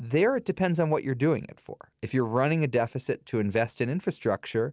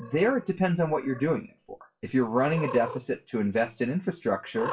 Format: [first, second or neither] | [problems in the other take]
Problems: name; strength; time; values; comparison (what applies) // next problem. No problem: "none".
first | noise reduction (classical method WPE with log-MMSE)